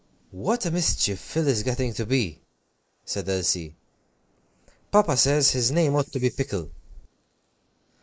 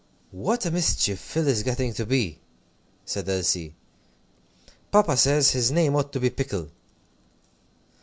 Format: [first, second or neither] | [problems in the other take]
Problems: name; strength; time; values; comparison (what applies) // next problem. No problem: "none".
second | noise reduction (neural mask model Resemble Enhance denoiser)